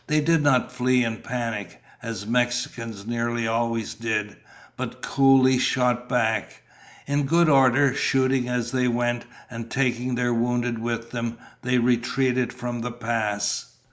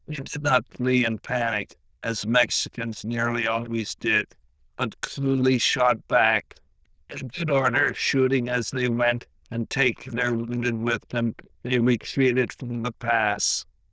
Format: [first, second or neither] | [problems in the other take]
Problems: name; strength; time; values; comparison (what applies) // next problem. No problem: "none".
first | noise reduction (neural diffusion model UNIVERSE++)